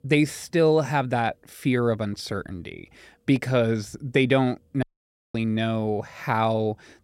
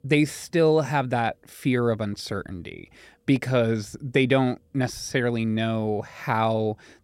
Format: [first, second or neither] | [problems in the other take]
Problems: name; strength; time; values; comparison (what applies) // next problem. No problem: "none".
second | audio cutting out; at 5 s for 0.5 s